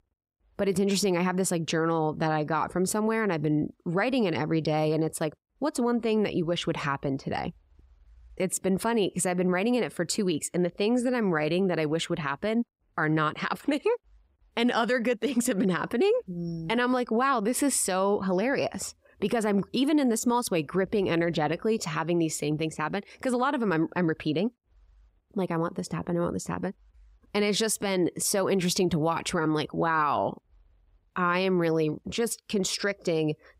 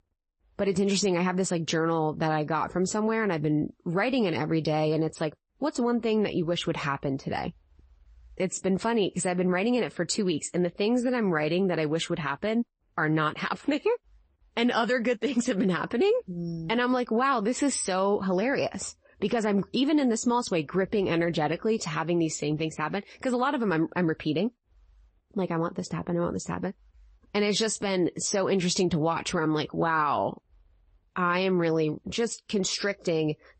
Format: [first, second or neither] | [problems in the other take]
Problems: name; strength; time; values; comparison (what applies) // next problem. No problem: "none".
first | garbled, watery; slightly; nothing above 8 kHz